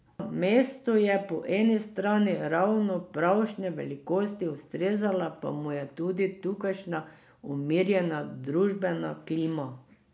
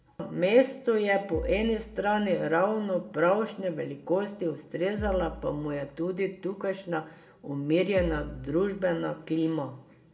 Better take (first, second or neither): first